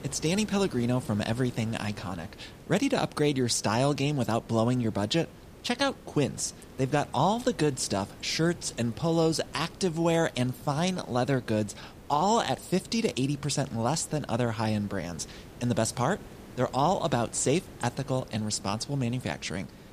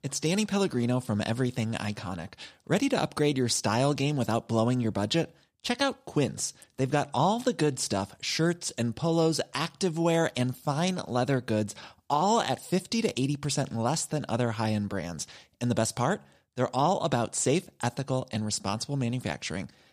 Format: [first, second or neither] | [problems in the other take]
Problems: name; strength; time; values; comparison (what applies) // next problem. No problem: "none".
second | hiss; noticeable; throughout; 20 dB below the speech